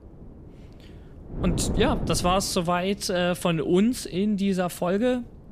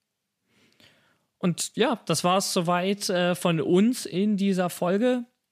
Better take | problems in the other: second | wind noise on the microphone; occasional gusts; 10 dB below the speech

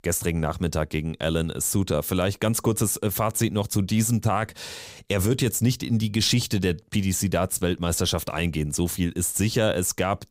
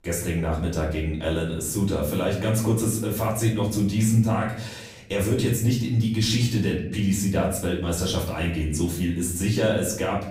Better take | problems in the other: first | off-mic speech; far // room echo; noticeable; dies away in 0.7 s

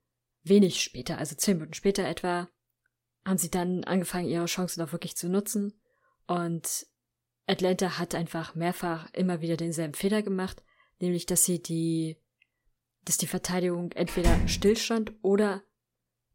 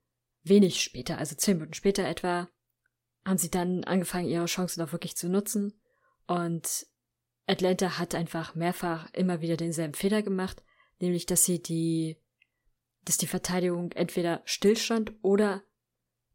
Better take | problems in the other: second | door banging; loud; at 14 s; peak 1 dB above the speech

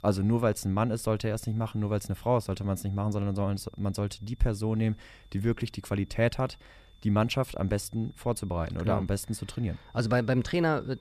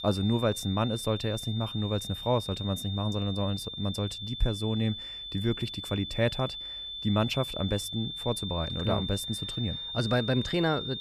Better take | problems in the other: first | high-pitched whine; loud; throughout; 3.5 kHz, 6 dB below the speech; faint in the first

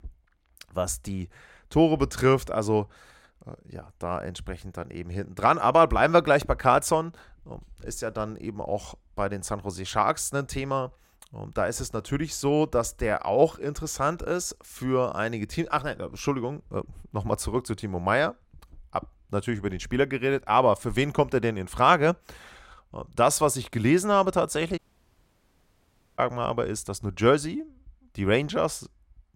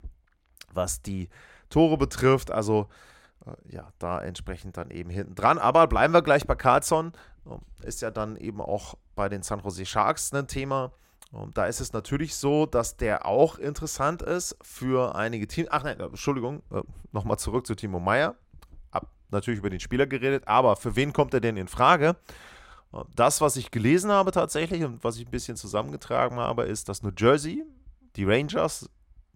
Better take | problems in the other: second | audio cutting out; at 25 s for 1.5 s

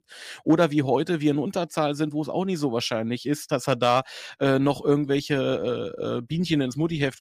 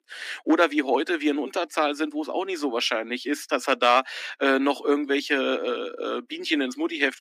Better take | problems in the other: first | thin; very slightly; fading below 250 Hz

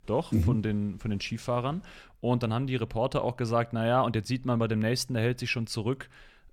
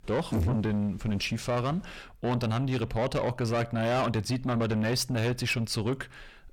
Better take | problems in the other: first | distortion; heavy; 7 dB below the speech

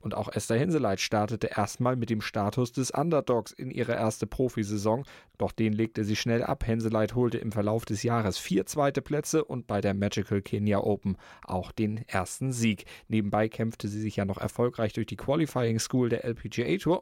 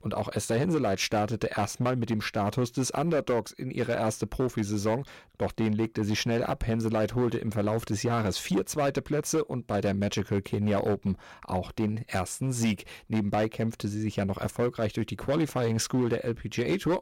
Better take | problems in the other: first | distortion; slight; 8% of the sound clipped

